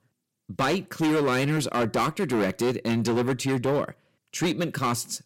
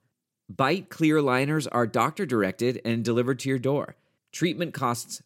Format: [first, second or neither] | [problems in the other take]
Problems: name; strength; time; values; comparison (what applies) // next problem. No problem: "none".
second | distortion; heavy; 15% of the sound clipped